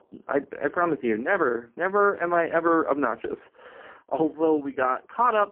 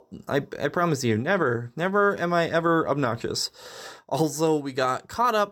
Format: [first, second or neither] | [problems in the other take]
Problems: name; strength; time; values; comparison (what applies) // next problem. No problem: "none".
second | phone-call audio; poor line